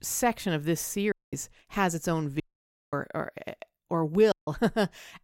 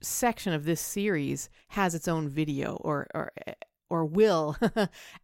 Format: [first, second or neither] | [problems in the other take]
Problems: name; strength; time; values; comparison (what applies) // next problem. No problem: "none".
second | audio cutting out; at 1 s, at 2.5 s for 0.5 s and at 4.5 s